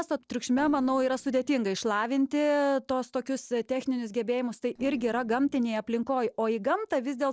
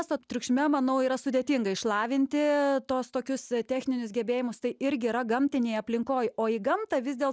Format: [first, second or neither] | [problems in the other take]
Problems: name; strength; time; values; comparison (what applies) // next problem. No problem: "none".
second | noise reduction (neural separator model SepFormer DNS4)